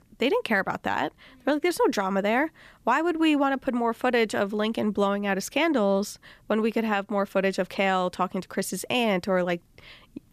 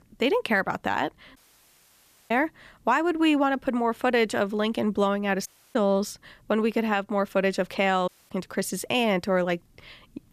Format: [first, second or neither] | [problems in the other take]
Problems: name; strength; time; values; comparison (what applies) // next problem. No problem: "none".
first | audio cutting out; at 1.5 s for 1 s, at 5.5 s and at 8 s